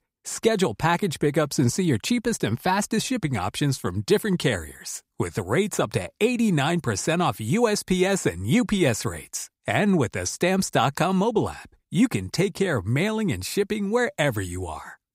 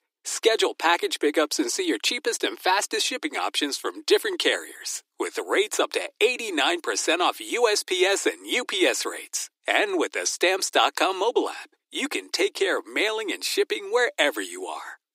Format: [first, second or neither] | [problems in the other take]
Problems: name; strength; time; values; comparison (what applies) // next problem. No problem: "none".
first | thin; very; fading below 300 Hz